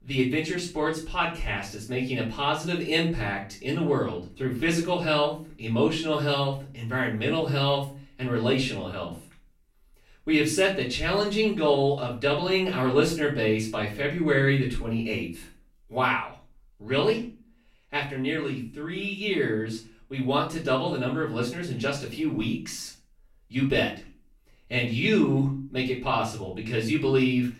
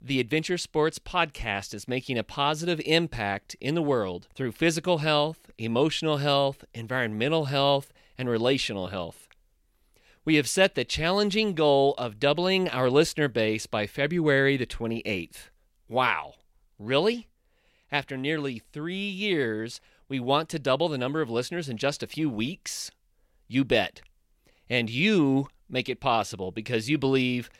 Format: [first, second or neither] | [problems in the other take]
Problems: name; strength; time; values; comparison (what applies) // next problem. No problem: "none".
second | off-mic speech; far // room echo; slight; dies away in 0.3 s